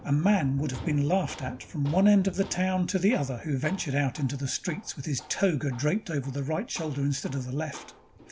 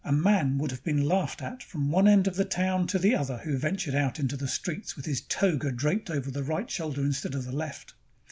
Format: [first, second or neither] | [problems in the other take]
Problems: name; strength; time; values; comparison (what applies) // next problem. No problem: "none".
second | background sound (Thunder + Tools); 19 dB below the speech